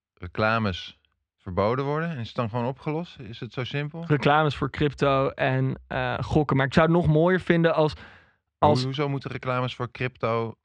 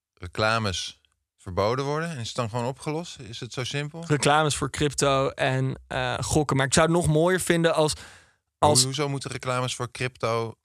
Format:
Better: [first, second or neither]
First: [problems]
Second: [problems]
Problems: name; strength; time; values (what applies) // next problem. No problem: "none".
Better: second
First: muffled; slightly; fading above 3 kHz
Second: none